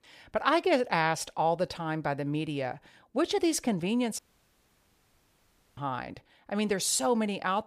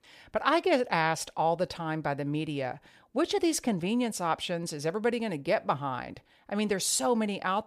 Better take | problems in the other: second | audio cutting out; at 4 s for 1.5 s

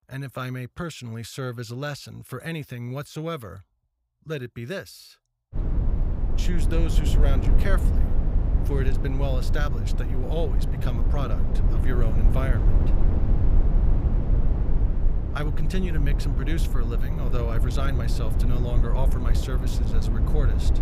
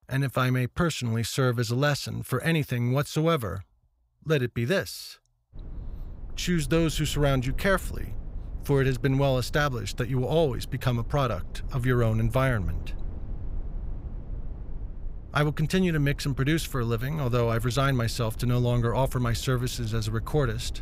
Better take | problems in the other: second | low rumble; loud; from 5.5 s on; 4 dB below the speech; faint in the second

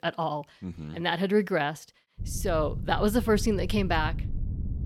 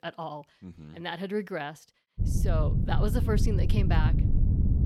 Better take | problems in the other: first | wind noise on the microphone; heavy; from 2 s on; 5 dB below the speech; occasional gusts in the first

